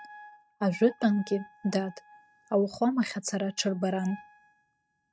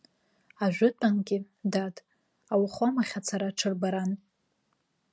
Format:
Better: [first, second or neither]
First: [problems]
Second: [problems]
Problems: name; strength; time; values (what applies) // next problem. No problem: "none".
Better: second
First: noise reduction (neural mask model RNNoise)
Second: none